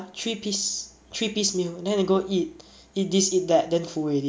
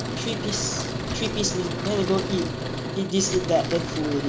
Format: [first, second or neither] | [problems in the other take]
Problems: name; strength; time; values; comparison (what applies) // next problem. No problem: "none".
first | background sound (Truck); 3 dB below the speech